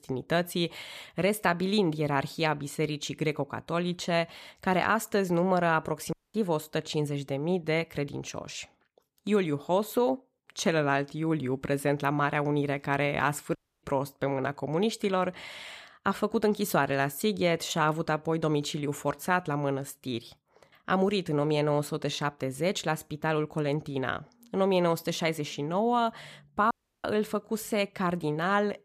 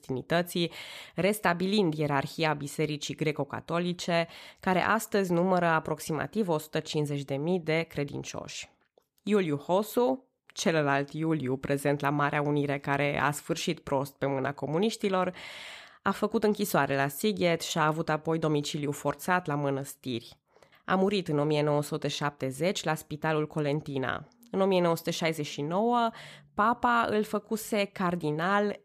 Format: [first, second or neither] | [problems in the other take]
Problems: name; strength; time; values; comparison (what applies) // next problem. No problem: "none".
second | audio cutting out; at 6 s, at 14 s and at 27 s